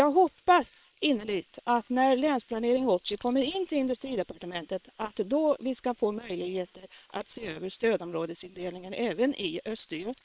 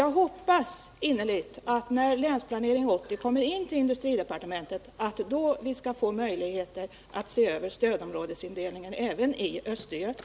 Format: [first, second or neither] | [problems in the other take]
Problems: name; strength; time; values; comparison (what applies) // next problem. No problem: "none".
second | noise reduction (neural separator model SepFormer WHAM!)